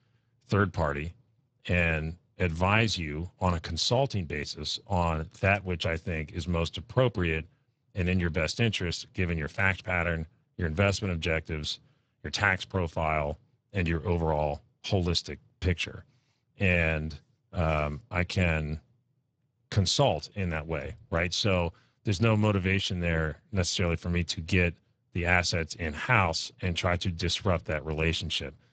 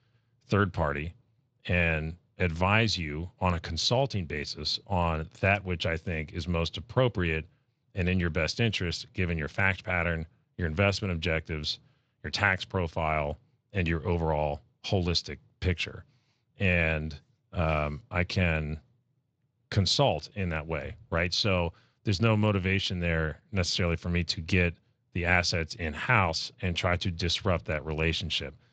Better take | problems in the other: second | garbled, watery; badly; nothing above 7.5 kHz; slightly in the second

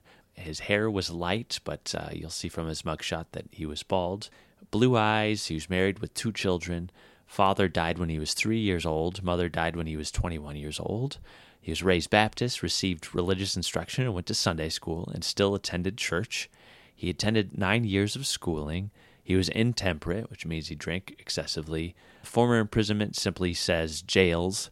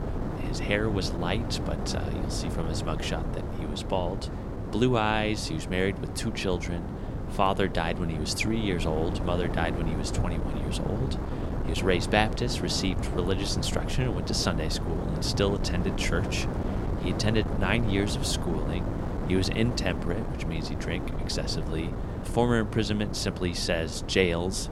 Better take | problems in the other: first | wind noise on the microphone; heavy; 7 dB below the speech

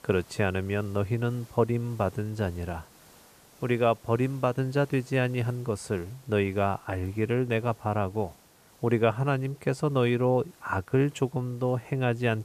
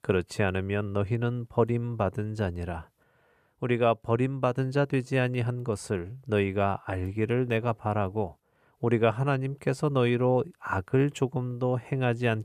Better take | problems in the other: second | hiss; faint; throughout; 25 dB below the speech

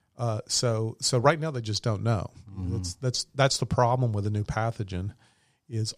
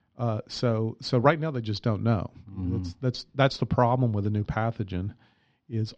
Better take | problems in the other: first | muffled; slightly; fading above 4 kHz

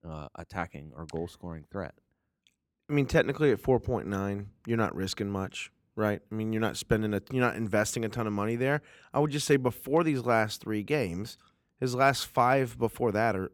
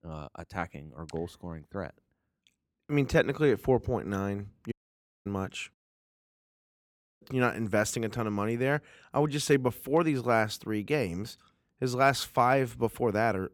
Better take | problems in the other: first | audio cutting out; at 4.5 s for 0.5 s and at 5.5 s for 1.5 s

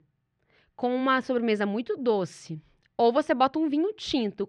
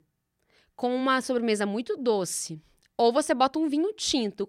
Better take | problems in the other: second | muffled; slightly; fading above 2.5 kHz

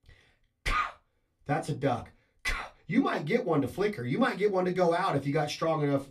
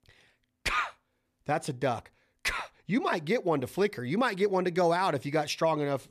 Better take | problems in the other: second | off-mic speech; far // room echo; very slight; dies away in 0.2 s

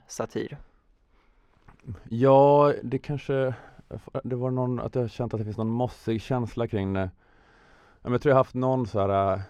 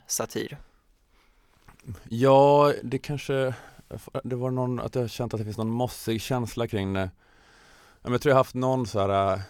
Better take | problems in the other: second | muffled; slightly; fading above 1.5 kHz

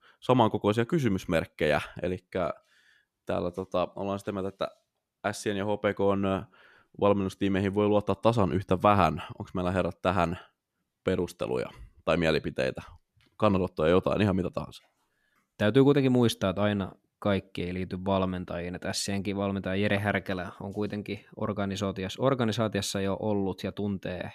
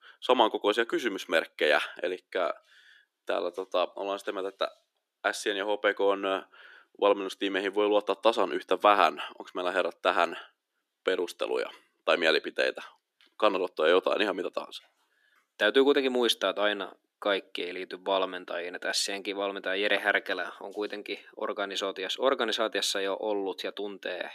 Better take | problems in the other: first | thin; somewhat; fading below 300 Hz

